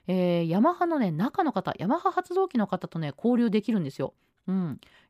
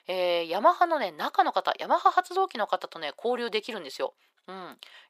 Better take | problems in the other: first | thin; very; fading below 550 Hz

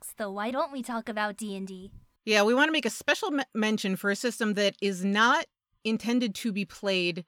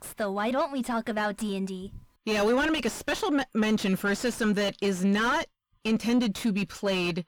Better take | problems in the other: first | distortion; heavy; 6 dB below the speech

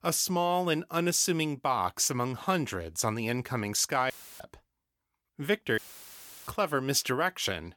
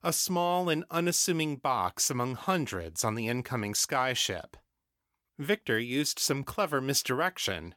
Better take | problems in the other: second | audio cutting out; filled with static; at 4 s and at 6 s for 0.5 s

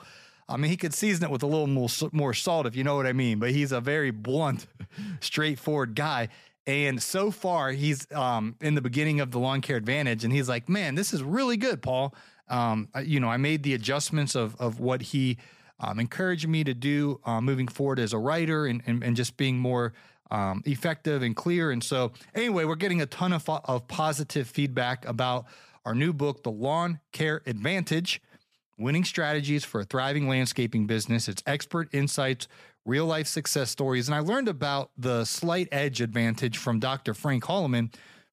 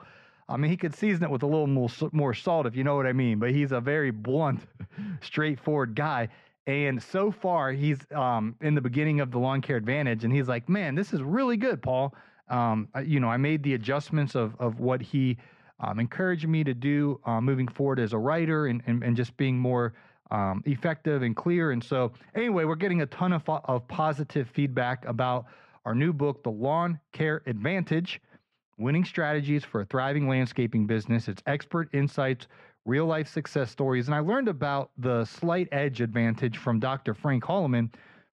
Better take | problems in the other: first | muffled; very; fading above 2 kHz

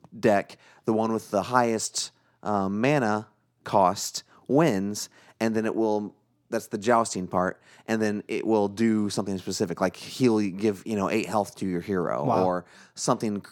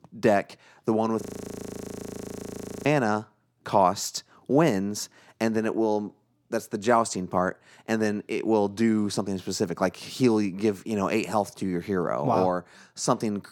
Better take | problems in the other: first | audio freezing; at 1 s for 1.5 s

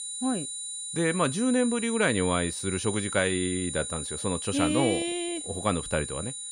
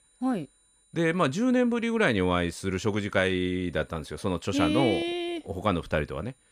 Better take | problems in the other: second | high-pitched whine; loud; throughout; 9.5 kHz, 5 dB below the speech; faint in the second

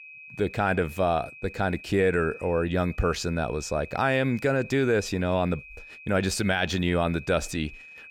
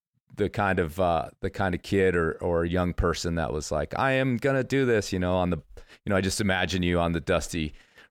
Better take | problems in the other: second | high-pitched whine; noticeable; throughout; 2.5 kHz, 15 dB below the speech

